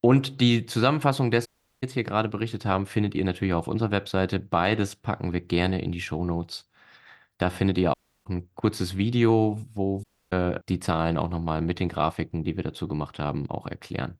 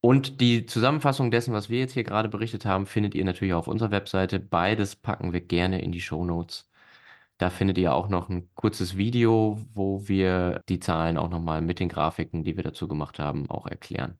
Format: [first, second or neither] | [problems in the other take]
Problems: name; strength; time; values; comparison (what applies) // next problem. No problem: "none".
second | audio cutting out; at 1.5 s, at 8 s and at 10 s